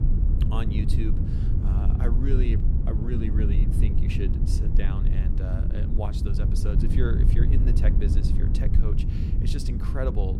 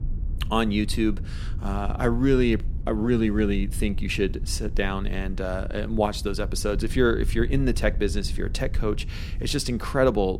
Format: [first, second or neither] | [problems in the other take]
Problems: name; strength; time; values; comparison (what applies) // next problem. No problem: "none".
second | low rumble; loud; throughout; 1 dB below the speech; faint in the second